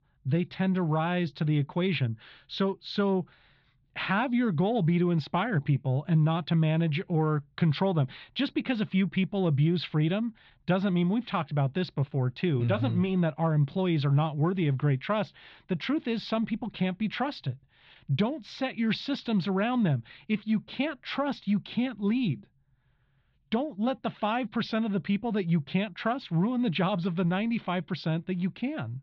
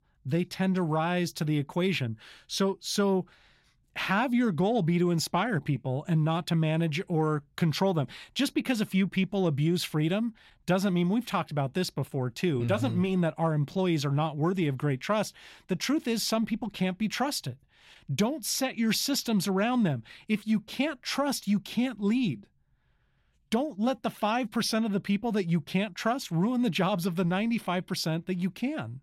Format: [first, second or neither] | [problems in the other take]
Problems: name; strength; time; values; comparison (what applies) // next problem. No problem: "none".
second | muffled; slightly; fading above 4 kHz